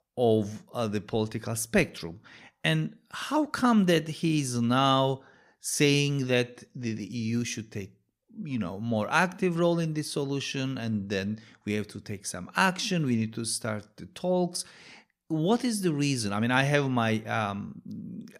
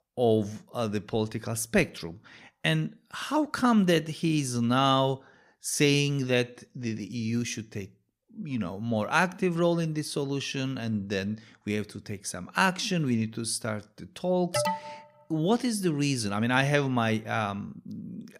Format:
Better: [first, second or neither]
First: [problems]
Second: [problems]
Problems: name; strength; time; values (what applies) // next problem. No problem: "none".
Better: first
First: none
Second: alarm; noticeable; at 15 s; peak 2 dB below the speech